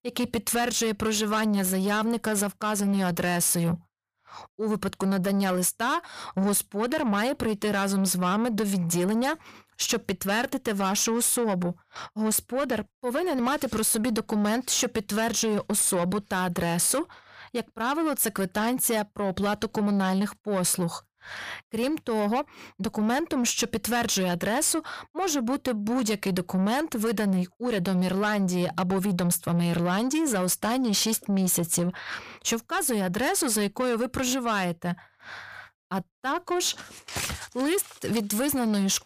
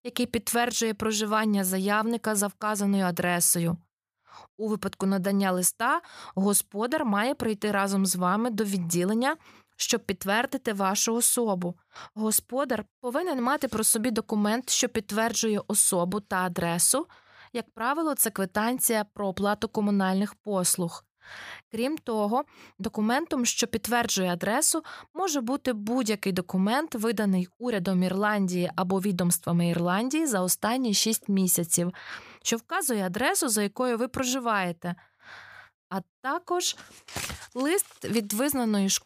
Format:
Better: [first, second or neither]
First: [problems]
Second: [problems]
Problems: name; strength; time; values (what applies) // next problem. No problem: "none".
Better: second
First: distortion; slight; 10 dB below the speech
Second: none